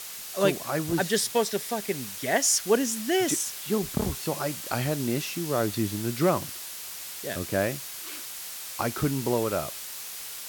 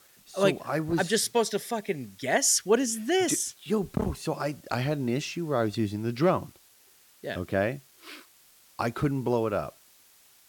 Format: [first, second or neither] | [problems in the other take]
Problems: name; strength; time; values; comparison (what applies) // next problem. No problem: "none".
second | hiss; loud; throughout; 8 dB below the speech; faint in the second